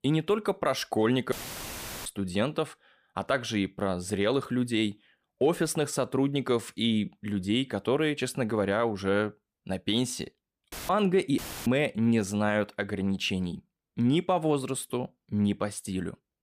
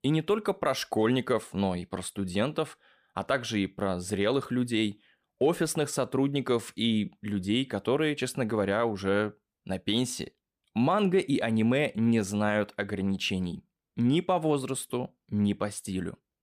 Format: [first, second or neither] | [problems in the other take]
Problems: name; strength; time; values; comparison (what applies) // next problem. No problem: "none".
second | audio cutting out; filled with static; at 1.5 s for 0.5 s and at 11 s